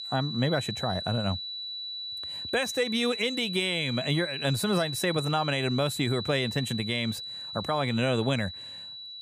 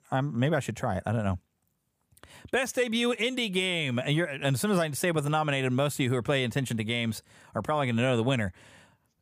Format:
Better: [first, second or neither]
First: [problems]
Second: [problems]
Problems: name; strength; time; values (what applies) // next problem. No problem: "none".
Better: second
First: high-pitched whine; loud; throughout; 4 kHz, 6 dB below the speech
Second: none